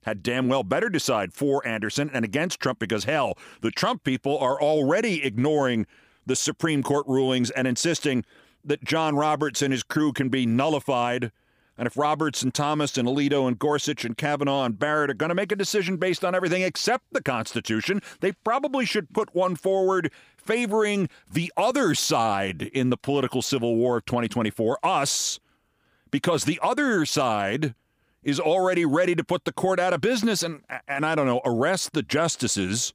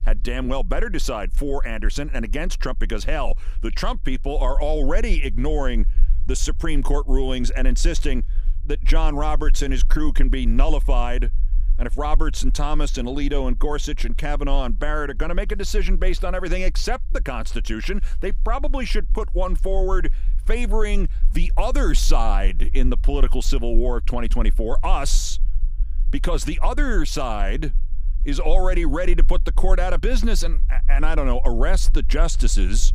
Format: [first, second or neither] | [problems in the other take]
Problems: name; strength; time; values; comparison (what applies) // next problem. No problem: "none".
first | low rumble; faint; throughout; 25 dB below the speech